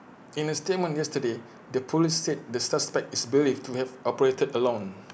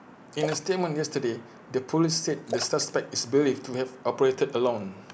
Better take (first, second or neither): first